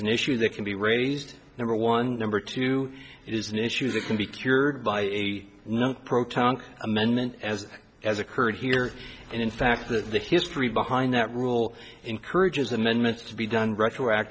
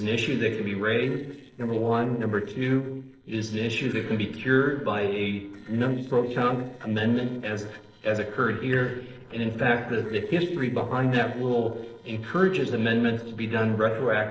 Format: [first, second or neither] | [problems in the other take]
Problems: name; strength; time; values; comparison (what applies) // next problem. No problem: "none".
first | noise reduction (neural separator model SepFormer DNS4)